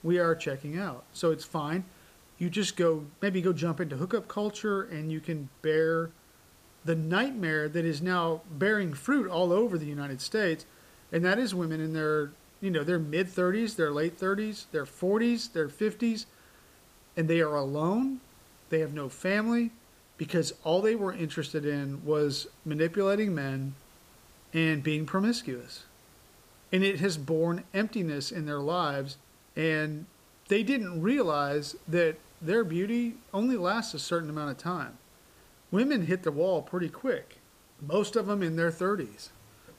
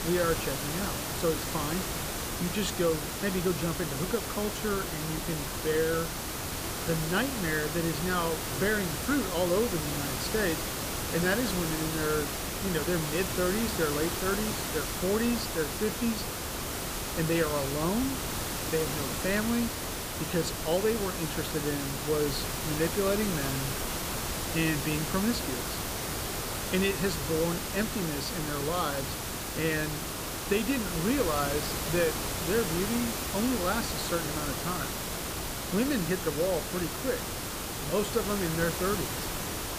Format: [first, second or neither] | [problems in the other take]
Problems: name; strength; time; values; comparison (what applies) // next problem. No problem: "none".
first | hiss; loud; throughout; 1 dB below the speech; faint in the first